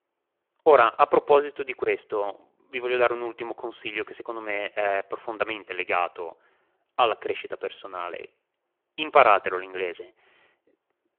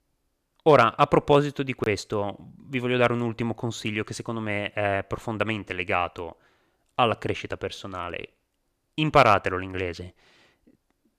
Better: second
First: phone-call audio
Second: none

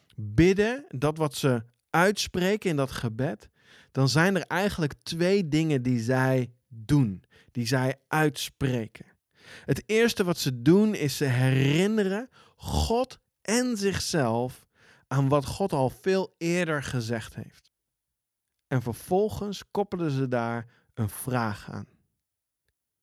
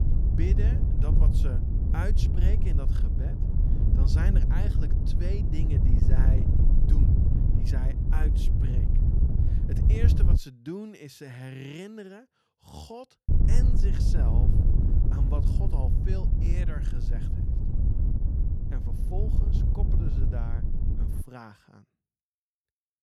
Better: first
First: none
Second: wind noise on the microphone; heavy; until 10 s and from 13 to 21 s; 2 dB above the speech

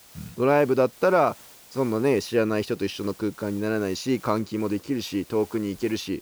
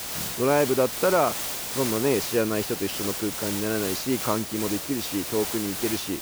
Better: first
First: hiss; faint; throughout; 20 dB below the speech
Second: hiss; loud; throughout; 3 dB below the speech

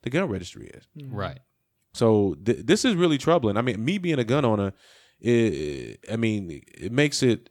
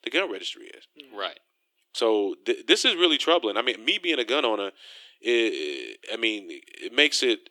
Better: first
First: none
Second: thin; somewhat; fading below 300 Hz

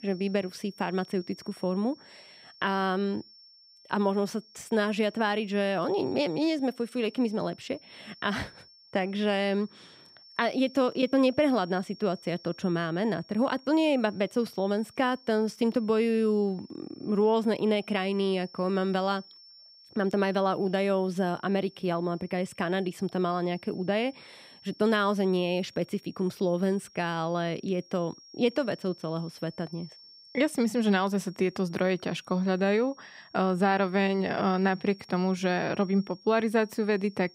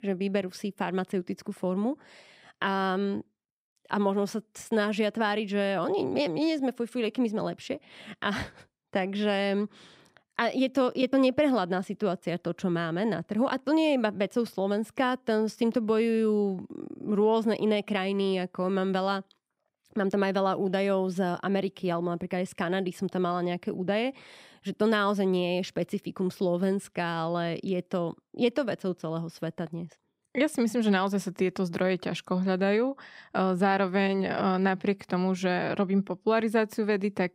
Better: second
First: high-pitched whine; faint; throughout; 5.5 kHz, 25 dB below the speech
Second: none

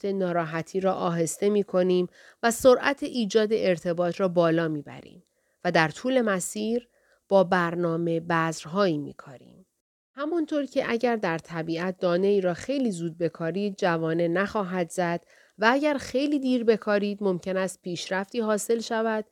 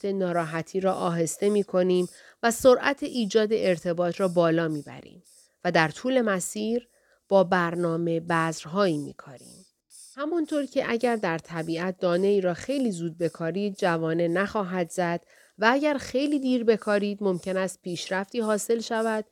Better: first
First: none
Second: hiss; faint; throughout; 25 dB below the speech

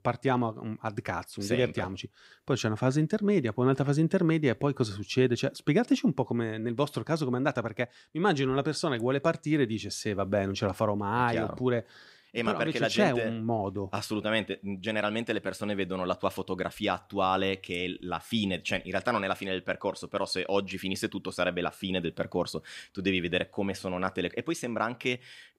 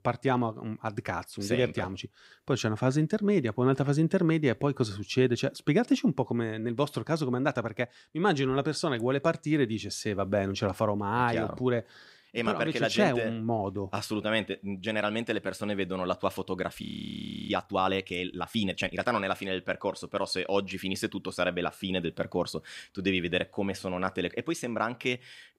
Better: first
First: none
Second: audio freezing; at 17 s for 0.5 s

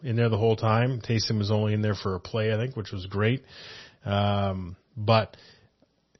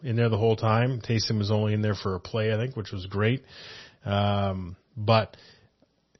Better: neither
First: garbled, watery; slightly; nothing above 6 kHz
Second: garbled, watery; slightly; nothing above 6 kHz

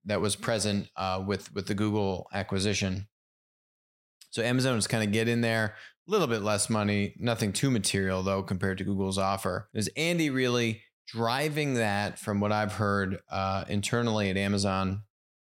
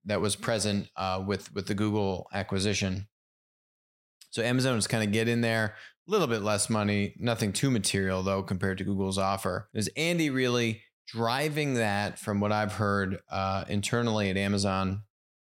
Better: neither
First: none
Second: none

